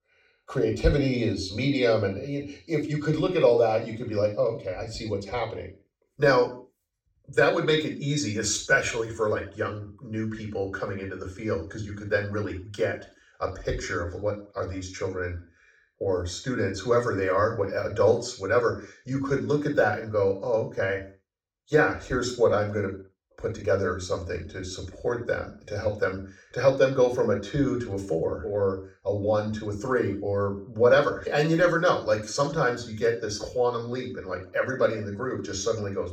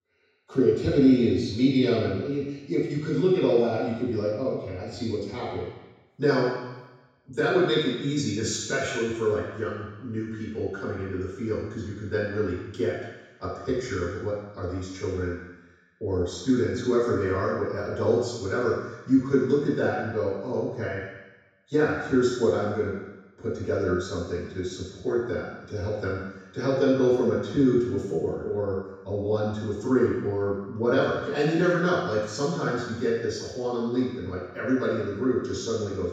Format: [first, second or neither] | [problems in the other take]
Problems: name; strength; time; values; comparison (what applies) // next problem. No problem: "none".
first | room echo; strong; dies away in 1.1 s; slight in the first // off-mic speech; far; far in the first